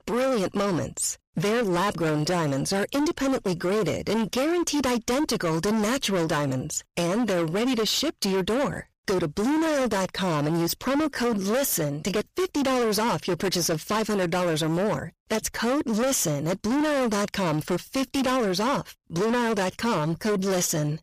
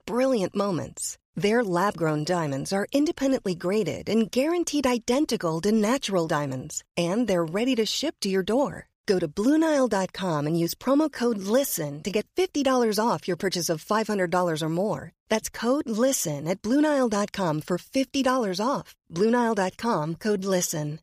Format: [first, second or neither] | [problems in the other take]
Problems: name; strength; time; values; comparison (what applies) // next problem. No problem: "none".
second | distortion; heavy; 30% of the sound clipped